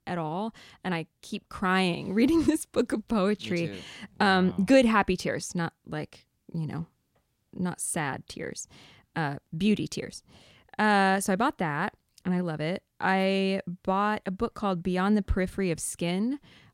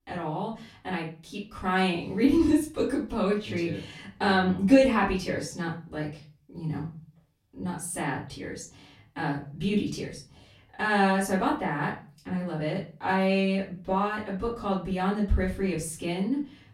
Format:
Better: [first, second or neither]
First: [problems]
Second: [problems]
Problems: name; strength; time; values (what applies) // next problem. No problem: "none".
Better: first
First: none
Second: off-mic speech; far // room echo; slight; dies away in 0.3 s